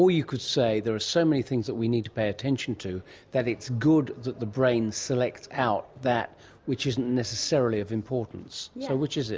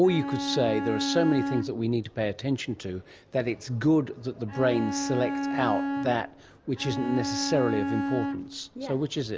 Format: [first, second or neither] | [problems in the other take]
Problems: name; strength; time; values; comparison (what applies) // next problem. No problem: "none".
first | background sound (Bowed string instrument); 3 dB below the speech